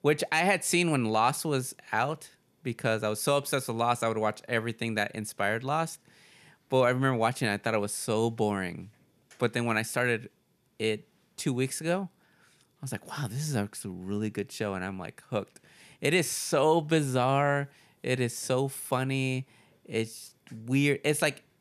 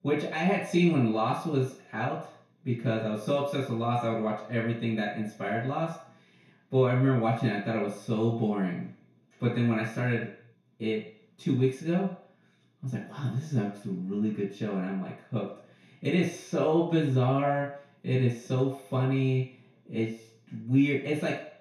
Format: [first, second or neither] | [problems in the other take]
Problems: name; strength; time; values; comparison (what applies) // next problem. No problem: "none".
first | room echo; noticeable; dies away in 0.5 s // off-mic speech; far